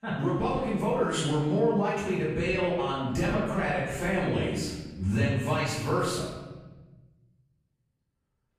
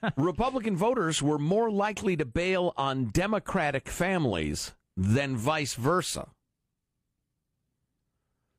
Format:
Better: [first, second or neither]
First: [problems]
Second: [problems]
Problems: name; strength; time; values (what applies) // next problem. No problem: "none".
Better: second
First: off-mic speech; far // room echo; noticeable; dies away in 1.1 s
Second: none